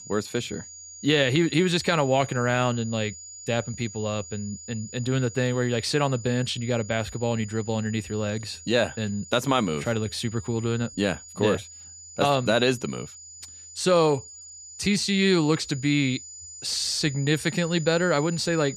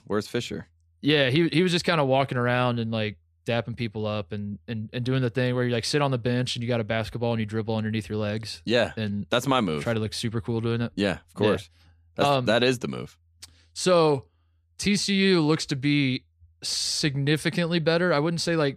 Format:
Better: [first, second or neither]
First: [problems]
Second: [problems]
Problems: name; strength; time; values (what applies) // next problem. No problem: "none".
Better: second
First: high-pitched whine; noticeable; throughout; 7 kHz, 15 dB below the speech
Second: none